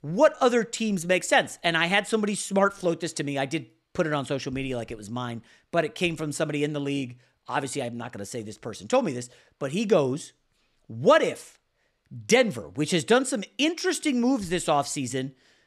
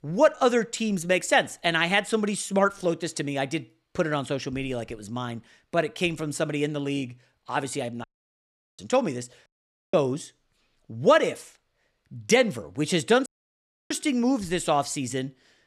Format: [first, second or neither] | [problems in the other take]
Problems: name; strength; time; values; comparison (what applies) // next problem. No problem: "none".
first | audio cutting out; at 8 s for 0.5 s, at 9.5 s and at 13 s for 0.5 s